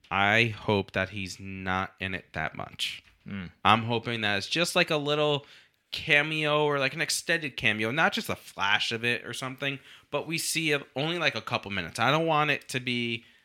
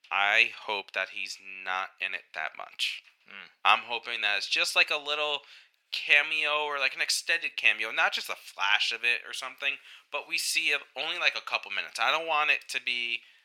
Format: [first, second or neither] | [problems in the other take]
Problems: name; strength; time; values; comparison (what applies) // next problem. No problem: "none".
first | thin; very; fading below 800 Hz